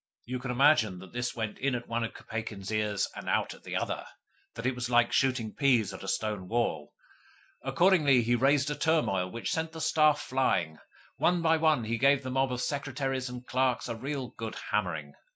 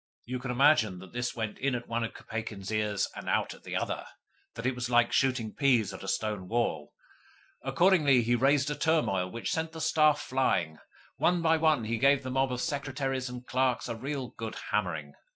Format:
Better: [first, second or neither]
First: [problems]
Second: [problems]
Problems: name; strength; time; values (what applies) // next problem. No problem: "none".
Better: first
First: none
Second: noise reduction (neural separator model SepFormer DNS4)